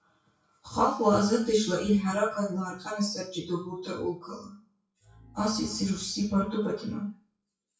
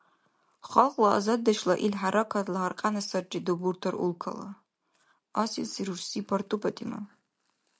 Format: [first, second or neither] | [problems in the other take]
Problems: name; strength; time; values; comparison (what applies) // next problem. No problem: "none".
second | noise reduction (classical method WPE with log-MMSE)